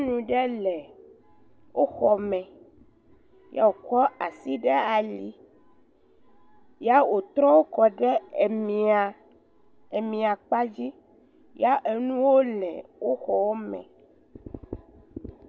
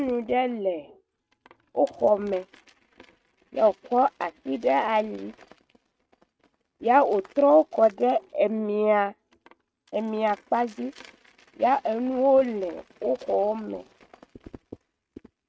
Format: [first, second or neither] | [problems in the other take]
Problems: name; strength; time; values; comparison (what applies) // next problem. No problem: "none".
first | noise reduction (neural mask model RNNoise)